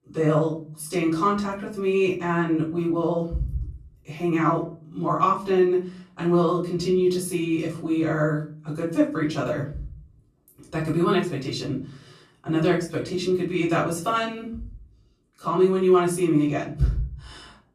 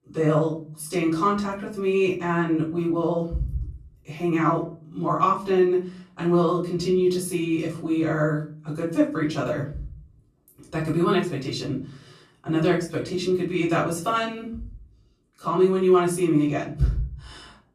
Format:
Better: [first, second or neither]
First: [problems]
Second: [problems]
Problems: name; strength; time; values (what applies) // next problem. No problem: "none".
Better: neither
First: room echo; slight; dies away in 0.5 s // off-mic speech; far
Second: room echo; slight; dies away in 0.5 s // off-mic speech; far